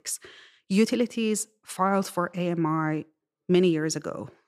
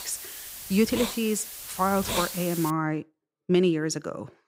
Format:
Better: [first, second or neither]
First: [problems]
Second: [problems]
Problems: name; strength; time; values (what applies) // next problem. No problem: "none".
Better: first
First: none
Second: hiss; loud; until 2.5 s; 7 dB below the speech